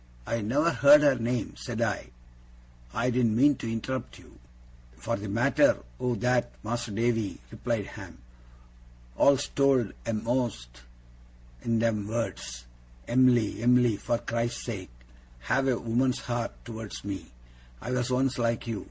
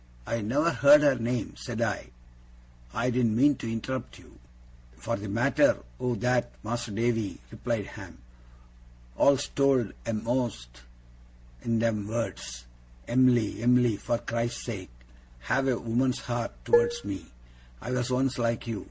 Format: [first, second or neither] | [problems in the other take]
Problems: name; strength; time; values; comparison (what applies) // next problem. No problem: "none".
first | background sound (Dishes, pots, and pans); 1 dB above the speech